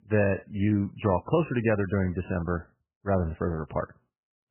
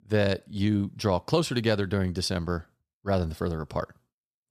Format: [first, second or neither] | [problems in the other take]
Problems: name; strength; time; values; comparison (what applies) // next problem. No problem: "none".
second | garbled, watery; badly; nothing above 3 kHz